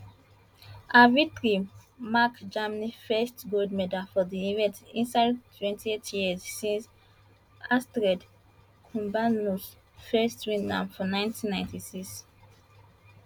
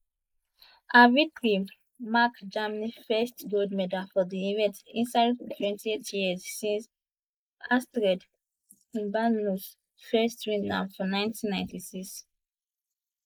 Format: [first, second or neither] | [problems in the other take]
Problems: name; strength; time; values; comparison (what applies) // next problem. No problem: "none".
first | noise reduction (neural mask model Resemble Enhance denoiser)